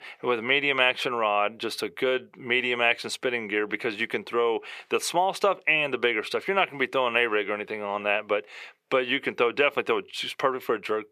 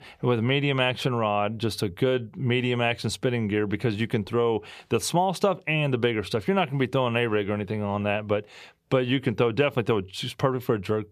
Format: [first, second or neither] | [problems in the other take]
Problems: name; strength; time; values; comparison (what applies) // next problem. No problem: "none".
second | thin; somewhat; fading below 400 Hz